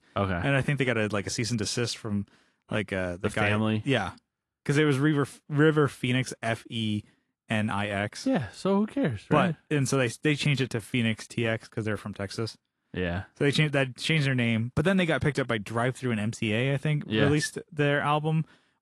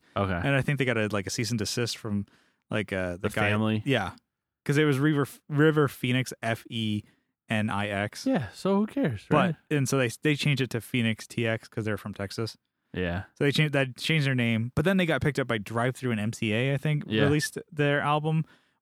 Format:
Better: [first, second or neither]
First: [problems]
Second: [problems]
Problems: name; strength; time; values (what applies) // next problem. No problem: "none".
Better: second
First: garbled, watery; slightly; nothing above 11 kHz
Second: none